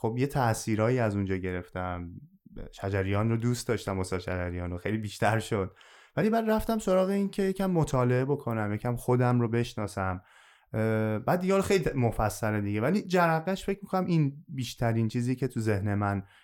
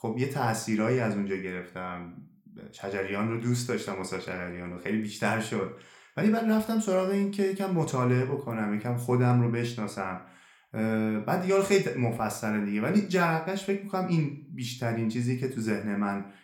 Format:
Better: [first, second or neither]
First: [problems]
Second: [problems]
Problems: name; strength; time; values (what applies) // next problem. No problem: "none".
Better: first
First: none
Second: room echo; very slight; dies away in 0.4 s